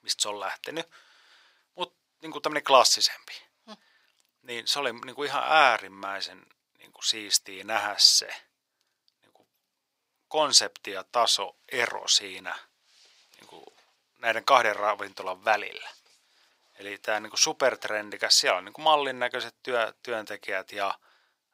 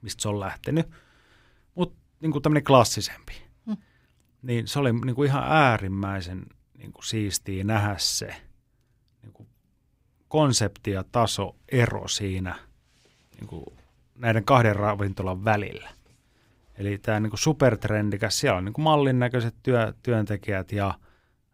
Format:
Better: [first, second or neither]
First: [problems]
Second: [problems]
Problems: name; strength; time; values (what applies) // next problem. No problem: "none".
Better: second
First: thin; very; fading below 750 Hz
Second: none